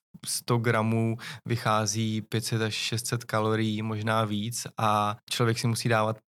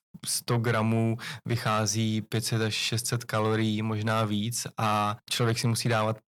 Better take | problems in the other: first | distortion; slight; 10 dB below the speech

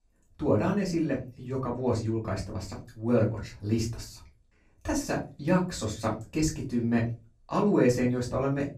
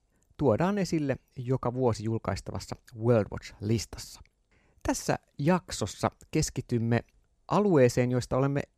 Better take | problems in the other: second | off-mic speech; far // room echo; very slight; dies away in 0.3 s

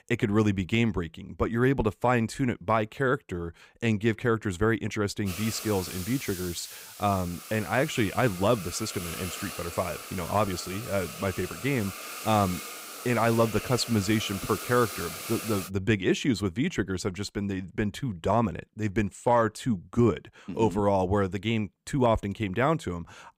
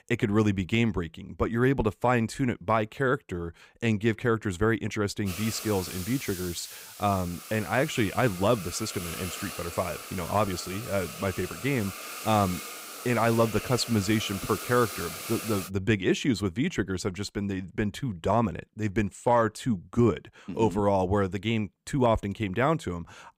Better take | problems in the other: neither | hiss; loud; from 5.5 to 16 s; 10 dB below the speech; the same in both

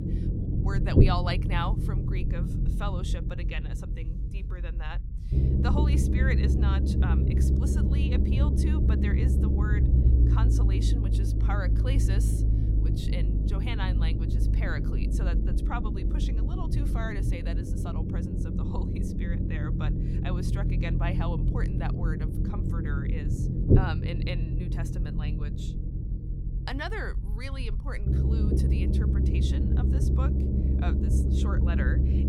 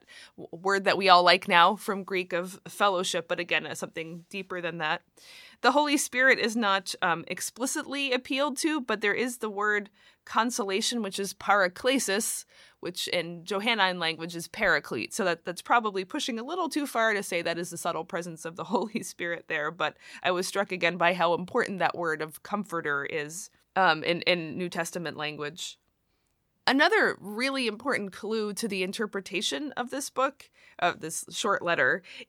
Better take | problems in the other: second | low rumble; loud; throughout; as loud as the speech

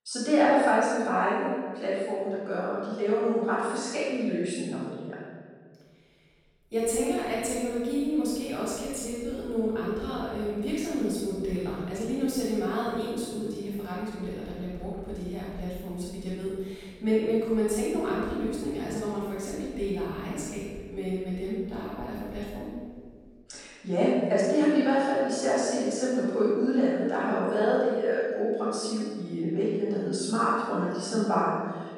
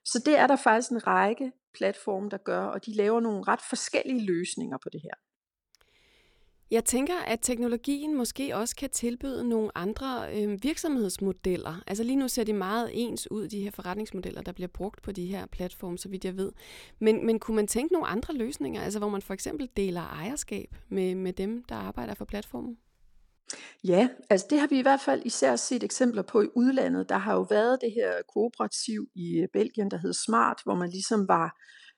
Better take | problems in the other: second | off-mic speech; far // room echo; strong; dies away in 1.7 s

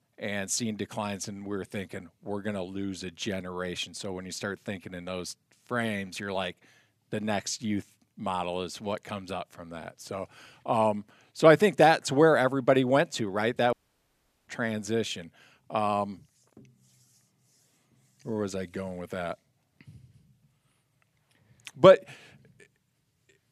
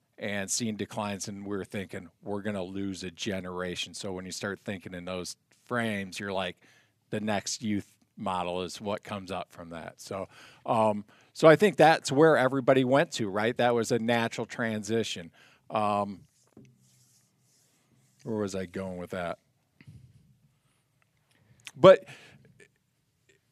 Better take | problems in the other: second | audio cutting out; at 14 s for 1 s

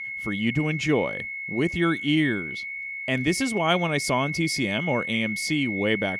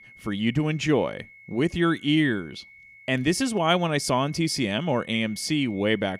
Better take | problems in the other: second | high-pitched whine; loud; throughout; 2 kHz, 5 dB below the speech; faint in the second

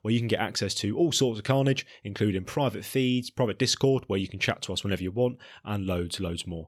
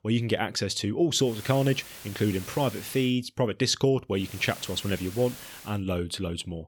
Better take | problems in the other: first | hiss; noticeable; from 1.5 to 3 s and from 4 to 5.5 s; 15 dB below the speech

